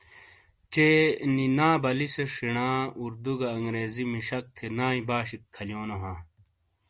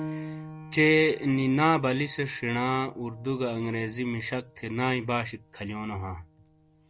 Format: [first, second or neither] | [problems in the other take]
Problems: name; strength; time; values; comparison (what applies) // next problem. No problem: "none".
first | background sound (Piano); 17 dB below the speech